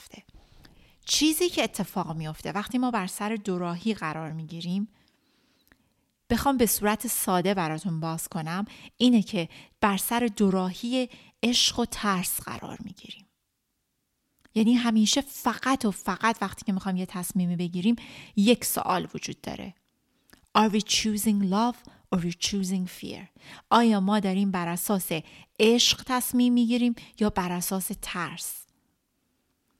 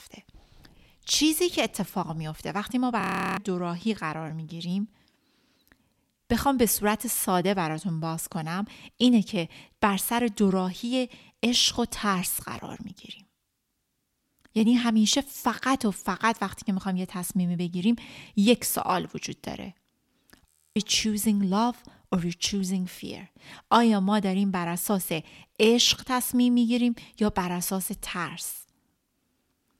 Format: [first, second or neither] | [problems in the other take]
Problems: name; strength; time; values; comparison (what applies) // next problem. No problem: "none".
first | audio freezing; at 3 s and at 20 s